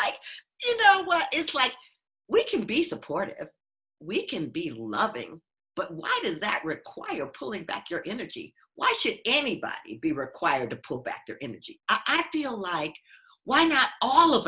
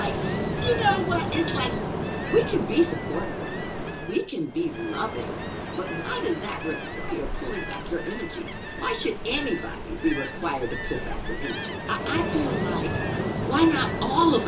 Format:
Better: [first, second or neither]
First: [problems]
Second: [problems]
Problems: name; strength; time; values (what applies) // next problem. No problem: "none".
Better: first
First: none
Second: background sound (Ocean); 2 dB below the speech // room echo; dies away in 0.2 s